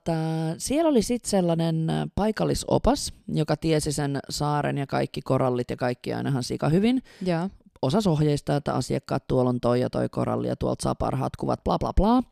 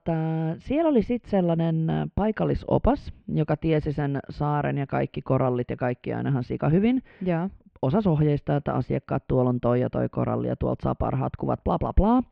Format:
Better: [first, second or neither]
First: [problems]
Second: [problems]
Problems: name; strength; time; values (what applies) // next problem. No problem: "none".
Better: first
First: none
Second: muffled; very; fading above 2.5 kHz